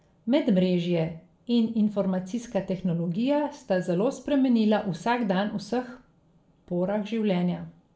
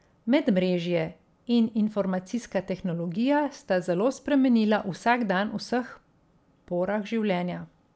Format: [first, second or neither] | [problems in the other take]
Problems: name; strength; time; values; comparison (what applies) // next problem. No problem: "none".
second | room echo; dies away in 0.4 s